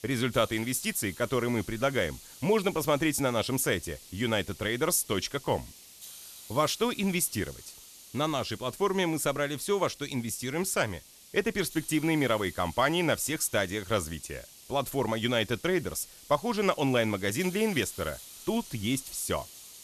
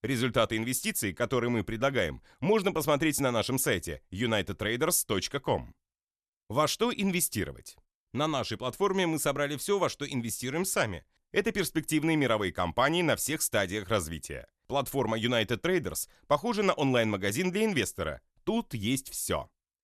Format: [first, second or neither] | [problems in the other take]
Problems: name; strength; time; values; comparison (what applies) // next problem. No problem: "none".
second | hiss; noticeable; throughout; 15 dB below the speech